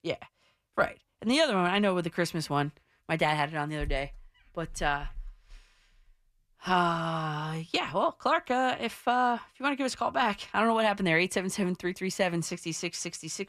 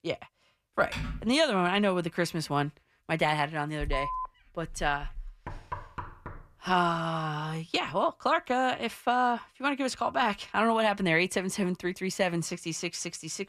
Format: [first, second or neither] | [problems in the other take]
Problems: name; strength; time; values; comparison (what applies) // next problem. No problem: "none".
first | keyboard typing; noticeable; at 1 s; peak 8 dB below the speech // phone ringing; noticeable; at 4 s; peak 5 dB below the speech // door banging; faint; at 5.5 s; peak 10 dB below the speech